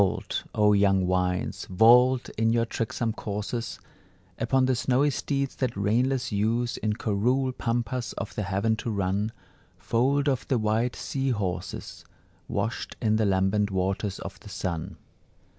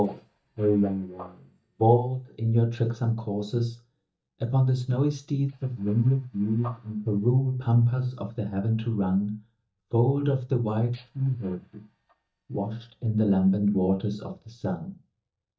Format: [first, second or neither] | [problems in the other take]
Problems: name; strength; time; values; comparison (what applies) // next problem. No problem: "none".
first | noise reduction (neural mask model DeepFilterNet 3)